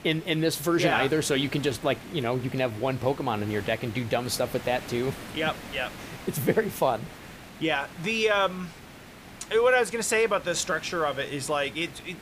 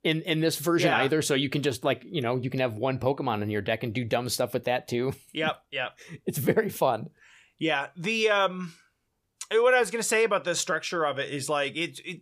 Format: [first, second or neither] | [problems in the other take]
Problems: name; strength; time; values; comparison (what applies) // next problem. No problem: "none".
second | hiss; noticeable; throughout; 15 dB below the speech